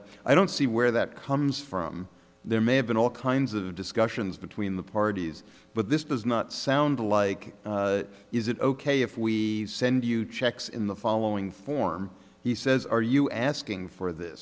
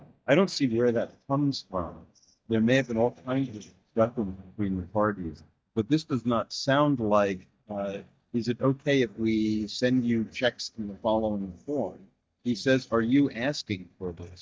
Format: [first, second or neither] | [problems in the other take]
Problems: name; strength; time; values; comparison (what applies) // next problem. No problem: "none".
first | noise reduction (neural mask model DeepFilterNet 3)